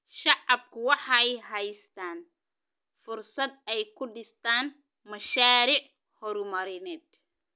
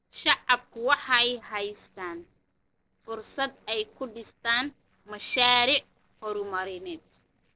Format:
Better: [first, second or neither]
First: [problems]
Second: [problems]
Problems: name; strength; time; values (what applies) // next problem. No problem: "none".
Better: first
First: none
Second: noise reduction (neural separator model SepFormer DNS4)